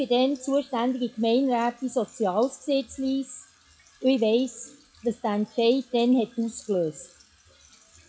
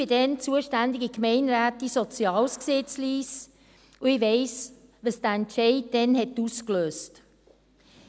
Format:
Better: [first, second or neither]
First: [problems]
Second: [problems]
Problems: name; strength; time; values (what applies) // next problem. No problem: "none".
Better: second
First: noise reduction (classical method WPE with log-MMSE)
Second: none